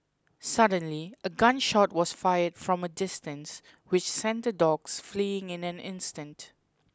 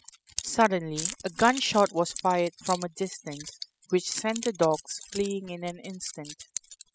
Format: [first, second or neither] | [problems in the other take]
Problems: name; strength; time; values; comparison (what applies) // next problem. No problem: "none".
first | noise reduction (classical method spectral subtraction)